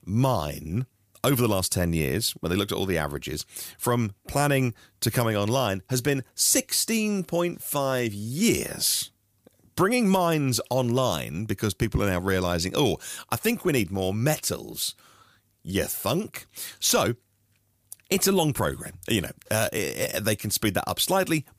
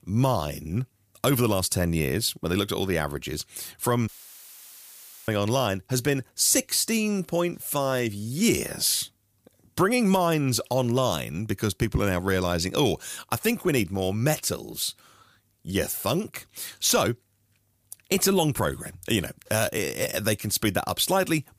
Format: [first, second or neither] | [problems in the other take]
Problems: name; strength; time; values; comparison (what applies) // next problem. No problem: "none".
first | audio cutting out; filled with static; at 4 s for 1 s